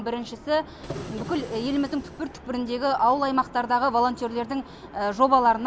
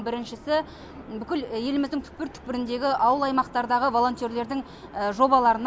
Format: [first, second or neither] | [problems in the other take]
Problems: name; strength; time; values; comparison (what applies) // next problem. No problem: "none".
second | background sound (Printer); 13 dB below the speech